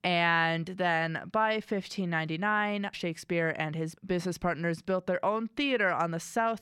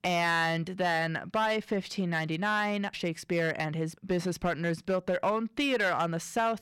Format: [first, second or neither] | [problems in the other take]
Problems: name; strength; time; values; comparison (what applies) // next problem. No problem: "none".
first | distortion; slight; 5% of the sound clipped